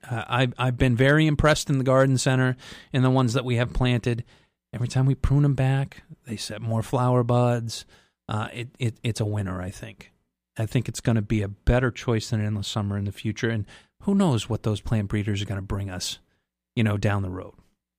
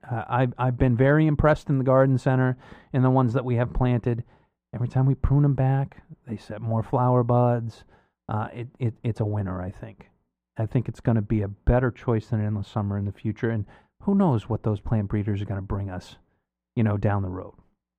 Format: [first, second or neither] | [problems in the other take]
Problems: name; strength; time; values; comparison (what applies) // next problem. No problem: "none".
first | muffled; very; fading above 2.5 kHz